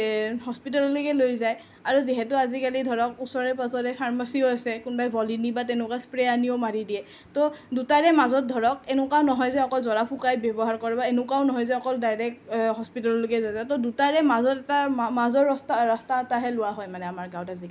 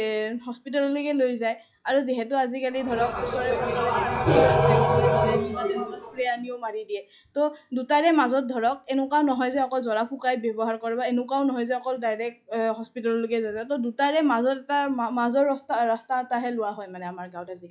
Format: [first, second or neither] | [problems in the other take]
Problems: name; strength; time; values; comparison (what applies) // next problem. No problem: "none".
first | noise reduction (classical method log-MMSE)